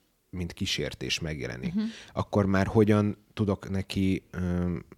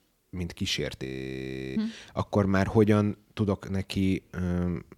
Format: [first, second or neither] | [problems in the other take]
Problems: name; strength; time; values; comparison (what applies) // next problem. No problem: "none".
first | audio freezing; at 1 s for 0.5 s